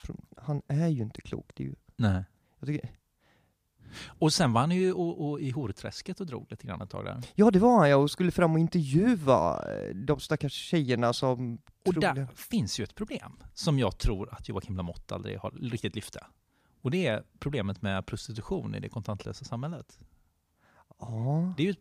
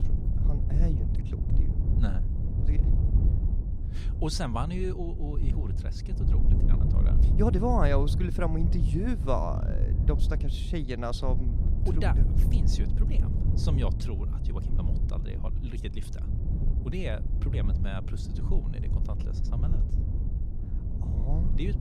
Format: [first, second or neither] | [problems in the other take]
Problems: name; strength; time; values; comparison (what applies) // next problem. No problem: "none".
first | wind noise on the microphone; heavy; 7 dB below the speech